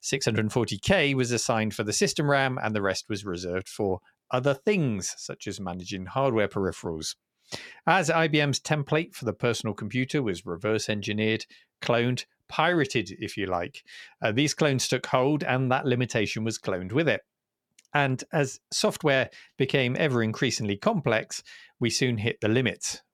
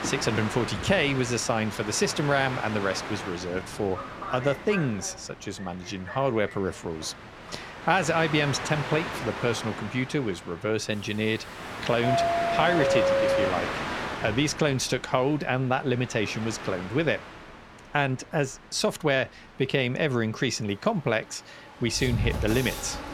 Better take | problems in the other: first | train or aircraft noise; loud; throughout; 4 dB below the speech

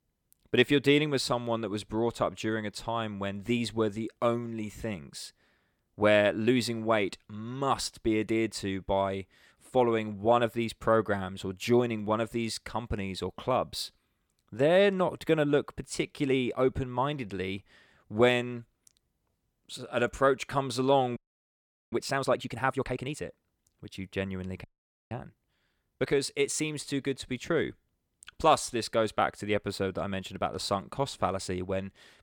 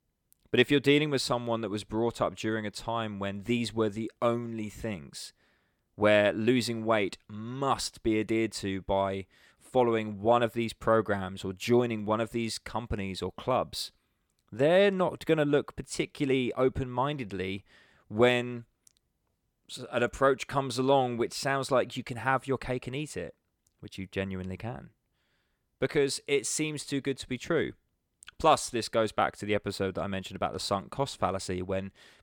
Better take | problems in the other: second | audio freezing; at 21 s for 1 s and at 25 s

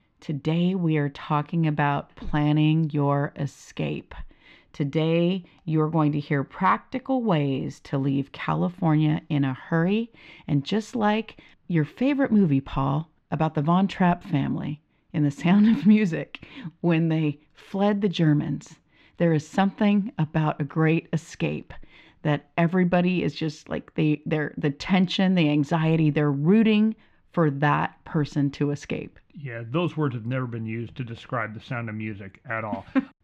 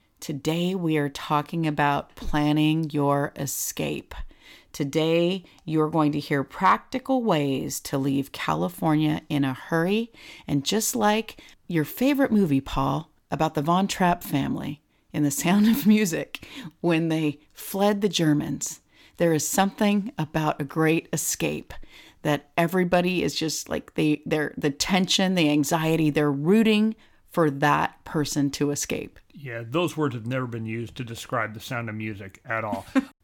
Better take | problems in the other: second | muffled; slightly; fading above 2.5 kHz

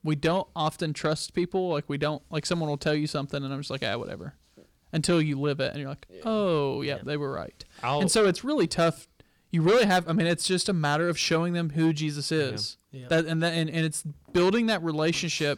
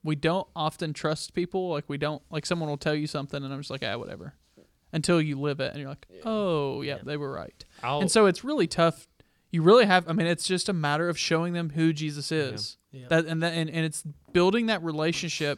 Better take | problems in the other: second | distortion; slight; 10 dB below the speech

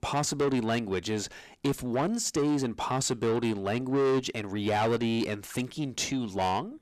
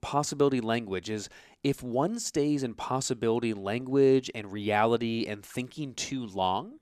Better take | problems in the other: second | distortion; heavy; 8 dB below the speech

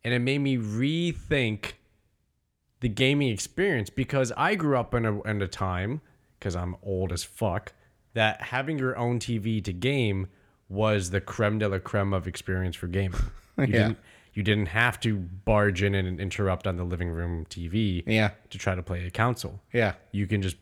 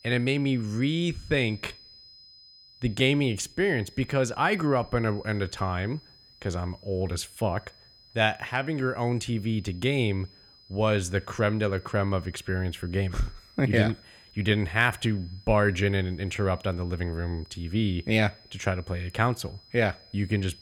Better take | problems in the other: first | high-pitched whine; faint; throughout; 5 kHz, 25 dB below the speech

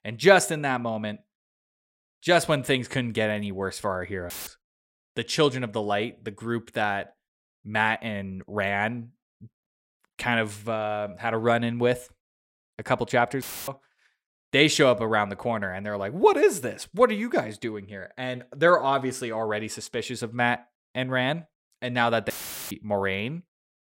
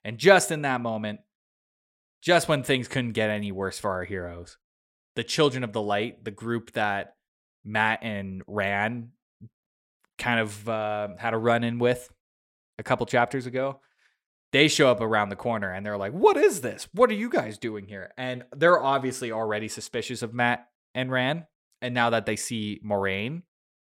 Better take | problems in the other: second | audio cutting out; filled with static; at 4.5 s, at 13 s and at 22 s

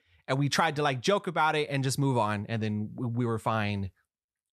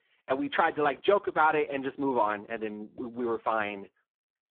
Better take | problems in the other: first | phone-call audio; poor line

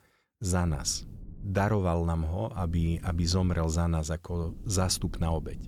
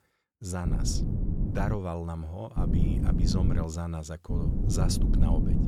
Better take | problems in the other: first | low rumble; loud; from 0.5 to 2 s, from 2.5 to 3.5 s and from 4.5 s on; 2 dB below the speech; faint in the first

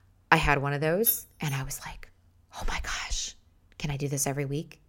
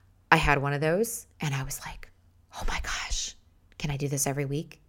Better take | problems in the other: second | jangling keys; loud; at 1 s; peak 3 dB above the speech

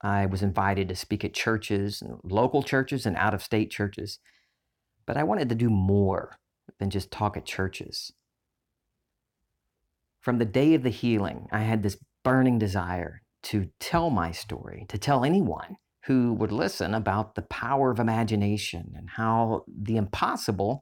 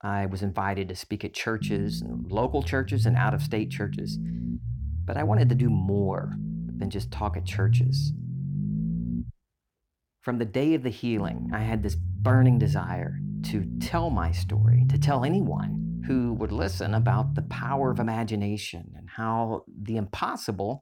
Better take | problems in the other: first | low rumble; loud; from 1.5 to 9.5 s and from 11 to 18 s; 8 dB below the speech

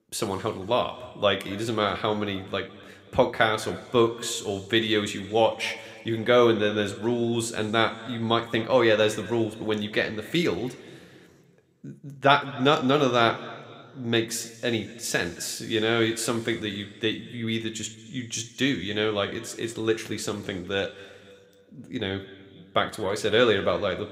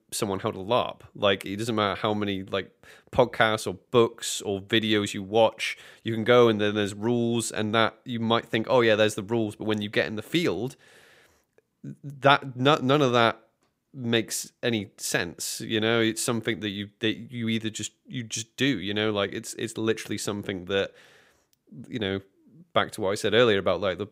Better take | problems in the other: second | room echo; very slight; dies away in 1.5 s

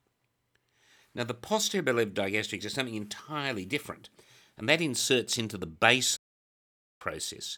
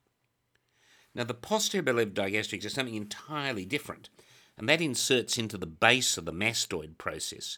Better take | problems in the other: second | audio cutting out; at 6 s for 1 s

